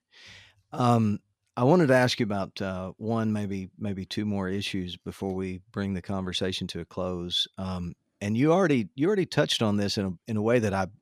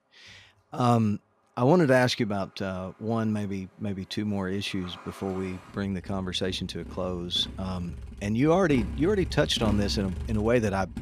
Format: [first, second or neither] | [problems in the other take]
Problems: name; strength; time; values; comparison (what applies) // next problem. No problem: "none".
first | traffic noise; noticeable; throughout; 10 dB below the speech